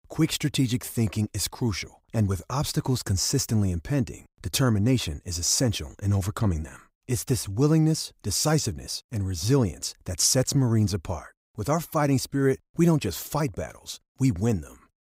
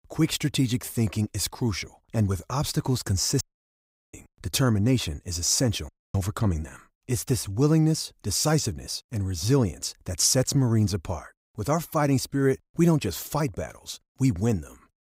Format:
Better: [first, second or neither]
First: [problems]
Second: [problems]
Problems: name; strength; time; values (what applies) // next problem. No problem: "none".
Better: first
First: none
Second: audio cutting out; at 3.5 s for 0.5 s and at 6 s